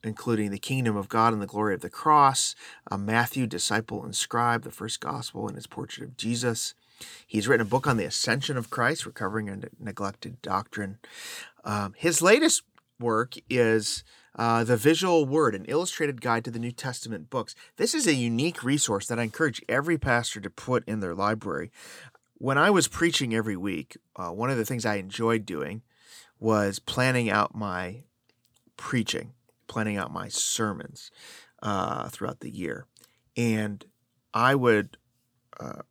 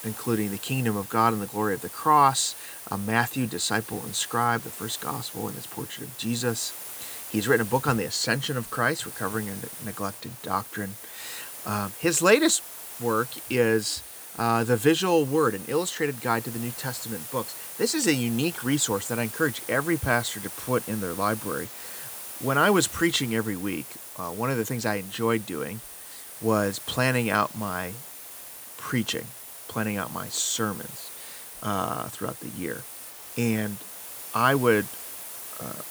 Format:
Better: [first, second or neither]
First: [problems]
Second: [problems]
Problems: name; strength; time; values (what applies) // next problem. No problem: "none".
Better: first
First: none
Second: hiss; noticeable; throughout; 10 dB below the speech